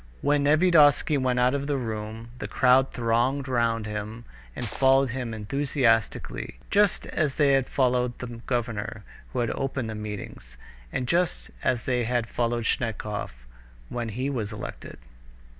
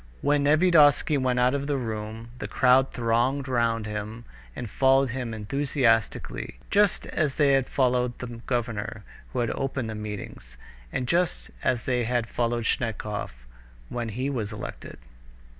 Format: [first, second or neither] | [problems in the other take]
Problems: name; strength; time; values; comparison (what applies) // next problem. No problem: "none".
second | background sound (Shatter); 15 dB below the speech